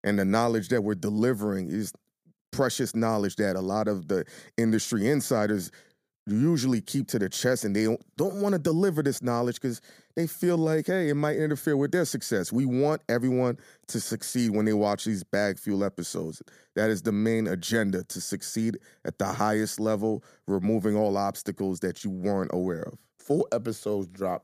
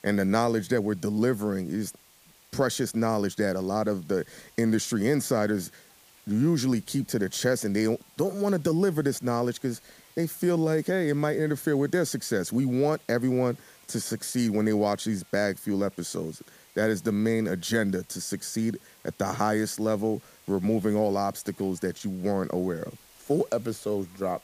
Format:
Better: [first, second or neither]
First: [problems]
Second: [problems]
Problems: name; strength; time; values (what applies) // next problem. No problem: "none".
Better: first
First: none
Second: hiss; faint; throughout; 25 dB below the speech